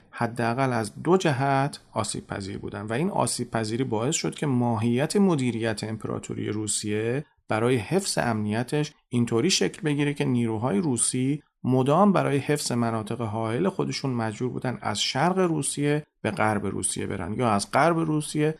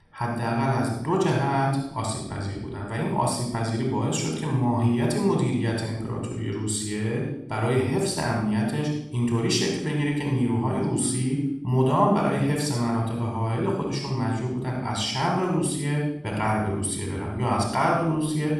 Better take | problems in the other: first | off-mic speech; somewhat distant // room echo; noticeable; dies away in 0.7 s

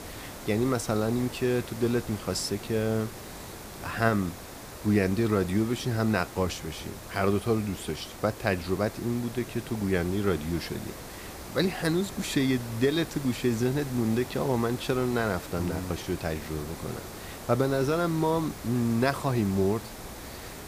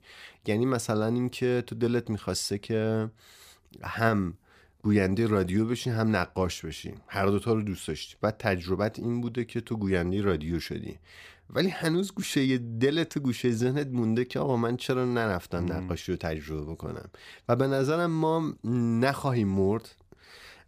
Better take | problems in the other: second | hiss; noticeable; throughout; 10 dB below the speech

